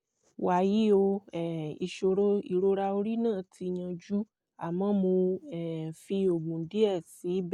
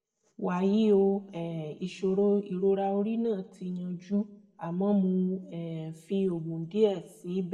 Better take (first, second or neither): first